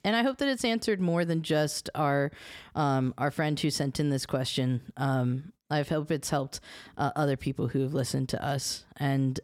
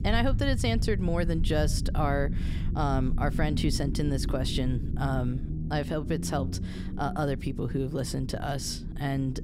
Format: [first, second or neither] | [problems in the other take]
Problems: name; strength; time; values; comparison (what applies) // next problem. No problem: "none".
first | low rumble; noticeable; throughout; 10 dB below the speech